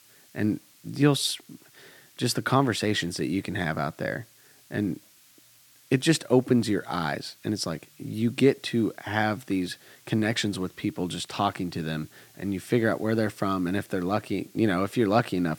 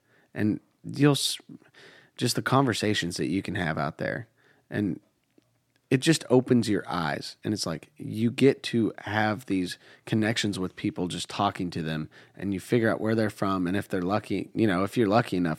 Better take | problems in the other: second | hiss; faint; throughout; 25 dB below the speech

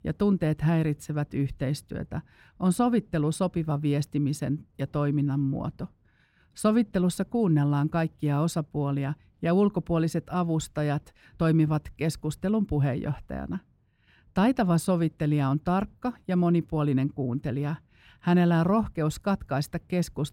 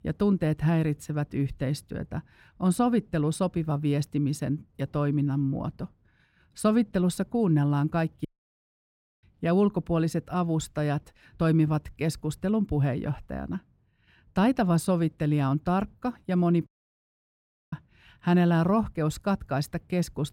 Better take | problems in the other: first | audio cutting out; at 8.5 s for 1 s and at 17 s for 1 s

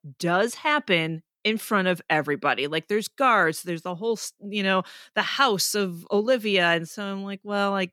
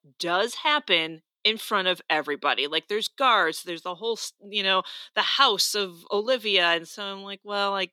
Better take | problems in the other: first | thin; somewhat; fading below 350 Hz

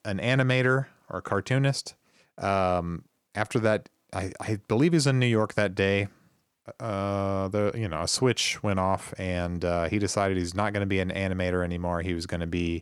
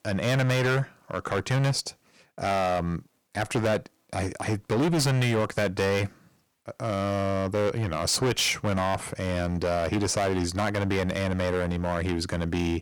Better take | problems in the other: first | distortion; heavy; 14% of the sound clipped

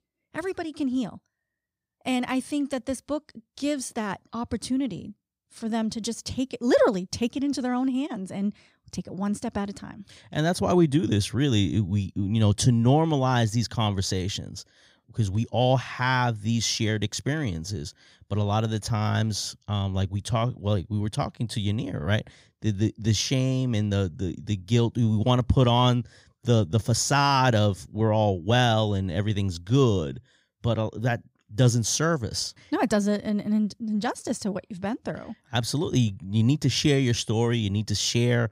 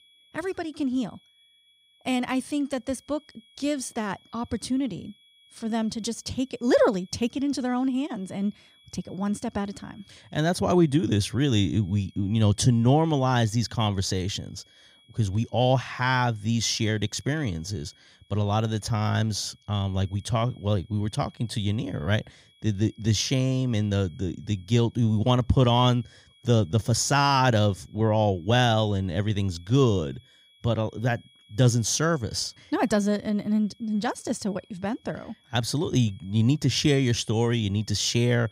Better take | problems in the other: first | high-pitched whine; faint; throughout; 3.5 kHz, 30 dB below the speech

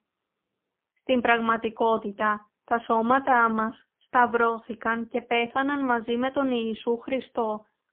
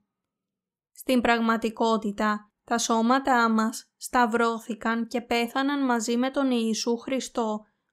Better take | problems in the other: second | phone-call audio; poor line; nothing above 3 kHz

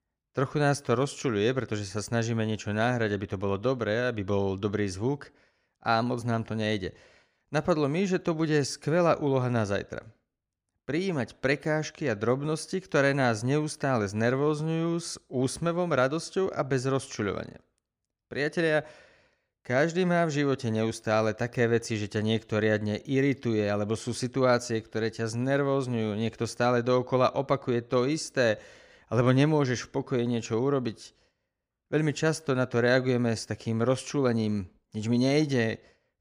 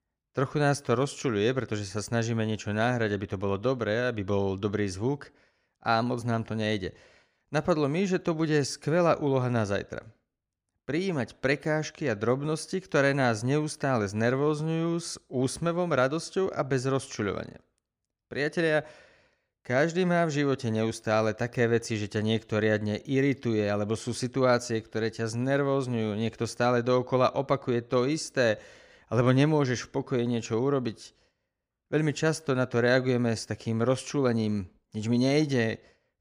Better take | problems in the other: neither | none

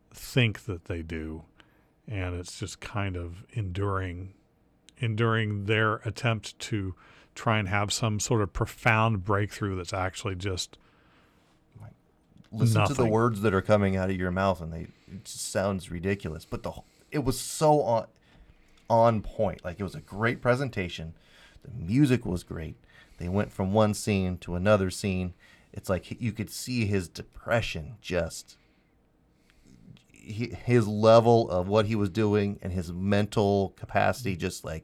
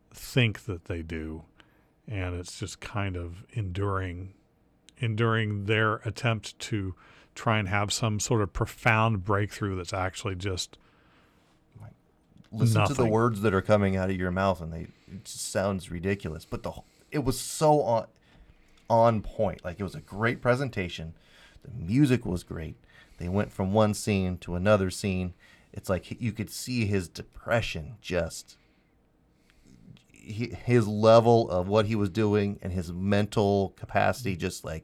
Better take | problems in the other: neither | none

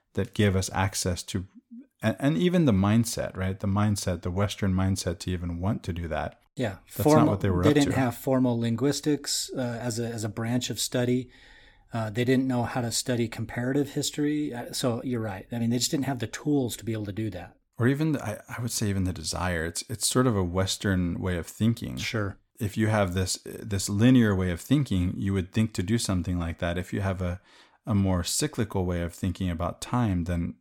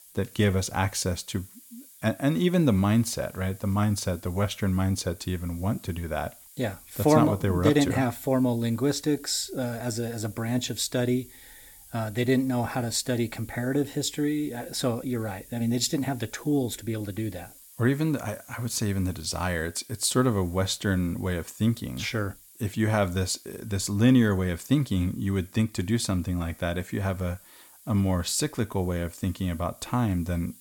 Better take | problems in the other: first | hiss; faint; throughout; 20 dB below the speech

